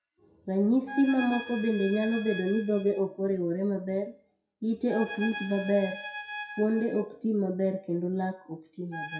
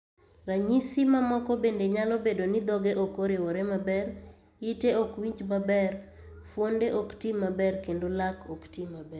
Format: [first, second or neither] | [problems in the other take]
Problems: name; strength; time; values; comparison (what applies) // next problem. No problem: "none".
second | noise reduction (classical method WPE with log-MMSE)